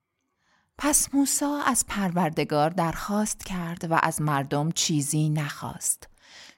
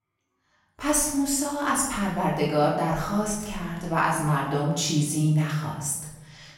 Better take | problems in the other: first | off-mic speech; far // room echo; noticeable; dies away in 1 s

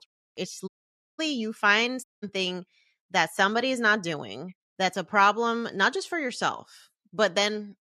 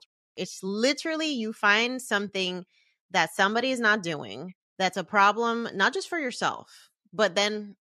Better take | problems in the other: second | audio cutting out; at 0.5 s and at 2 s

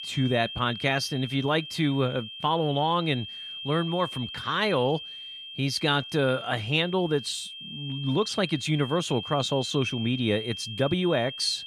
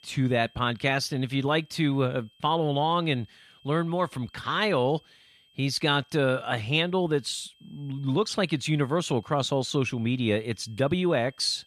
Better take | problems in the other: second | high-pitched whine; loud; throughout; 3 kHz, 10 dB below the speech; faint in the second

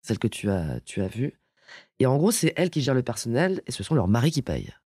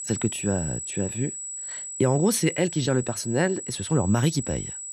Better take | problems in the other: first | high-pitched whine; loud; throughout; 8 kHz, 7 dB below the speech

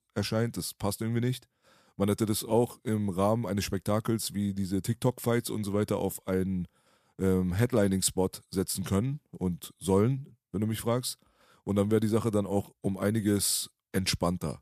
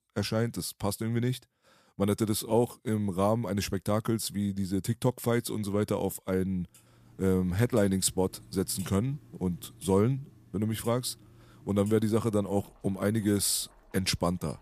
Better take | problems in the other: first | household noises; faint; from 7 s on; 25 dB below the speech

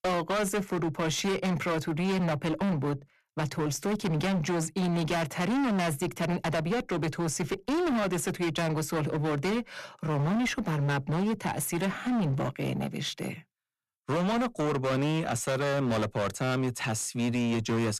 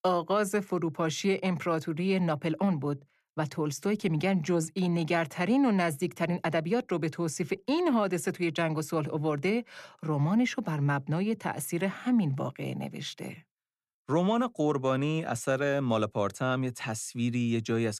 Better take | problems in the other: second | distortion; heavy; 30% of the sound clipped

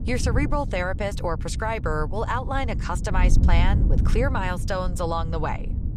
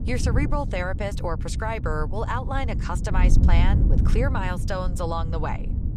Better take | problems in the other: first | wind noise on the microphone; heavy; 9 dB below the speech; occasional gusts in the first

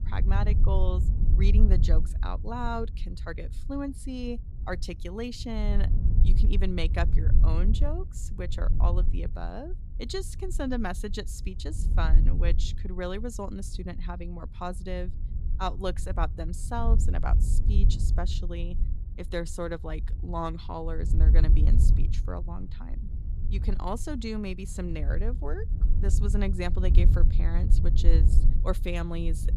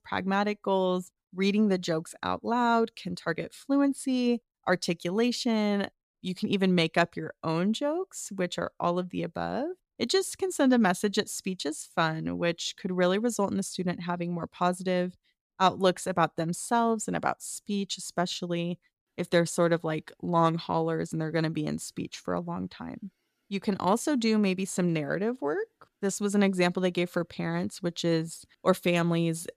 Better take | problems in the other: second | wind noise on the microphone; heavy; 9 dB below the speech

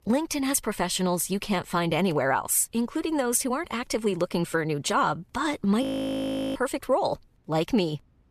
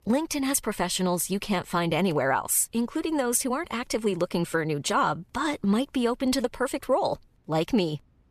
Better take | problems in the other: second | audio freezing; at 6 s for 0.5 s

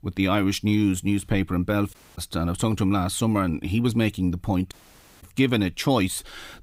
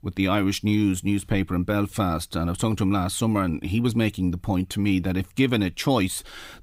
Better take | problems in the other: second | audio cutting out; at 2 s and at 4.5 s for 0.5 s

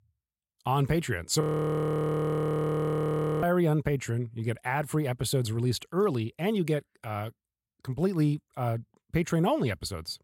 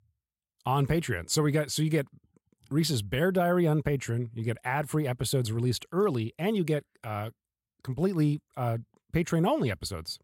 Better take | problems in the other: second | audio freezing; at 1.5 s for 2 s

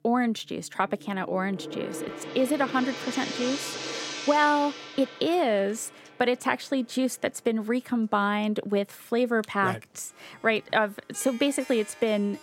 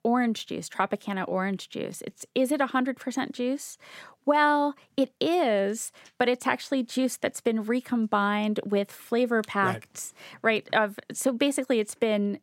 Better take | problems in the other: second | background music; loud; throughout; 10 dB below the speech

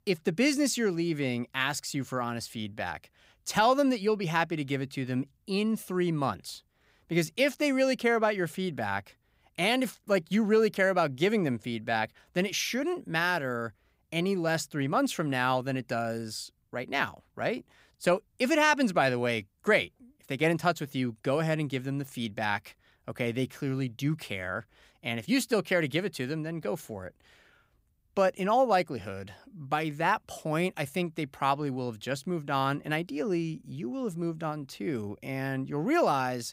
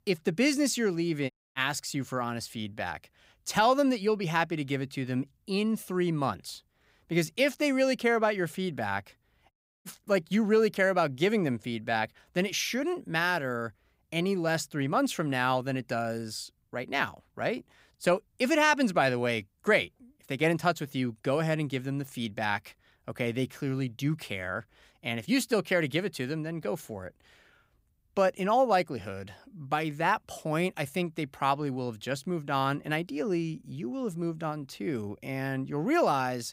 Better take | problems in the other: first | audio cutting out; at 1.5 s and at 9.5 s

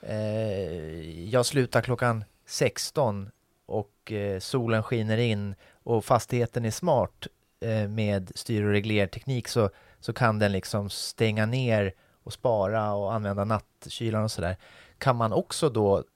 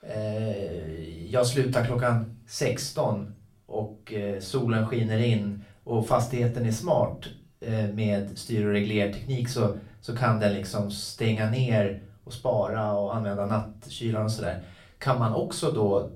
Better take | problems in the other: first | room echo; slight; dies away in 0.3 s // off-mic speech; far

